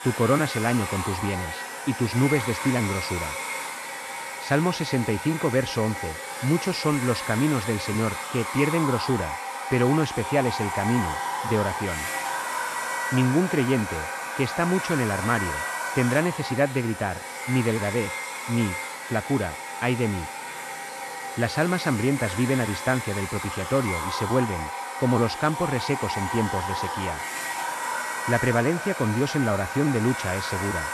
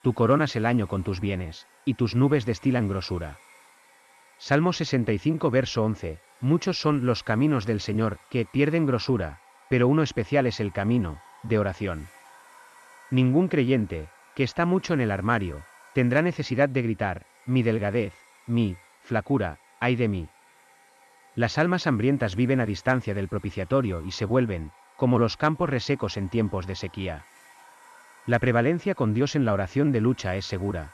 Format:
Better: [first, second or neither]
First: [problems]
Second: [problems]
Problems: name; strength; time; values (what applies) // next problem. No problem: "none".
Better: second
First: household noises; loud; throughout; 5 dB below the speech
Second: household noises; faint; throughout; 25 dB below the speech